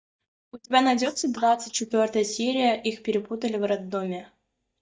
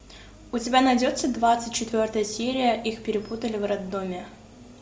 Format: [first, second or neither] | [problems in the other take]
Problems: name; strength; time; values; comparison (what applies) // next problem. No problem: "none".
second | noise reduction (neural mask model DeepFilterNet 3)